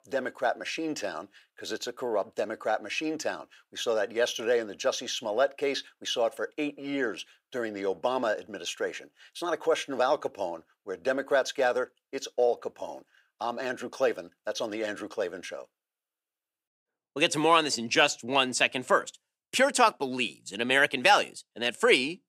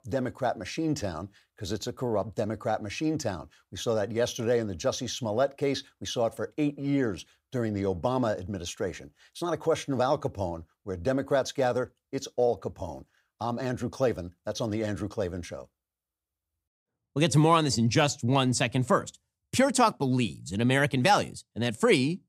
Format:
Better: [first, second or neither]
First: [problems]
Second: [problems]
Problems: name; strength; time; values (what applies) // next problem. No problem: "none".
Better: second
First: thin; somewhat; fading below 400 Hz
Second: none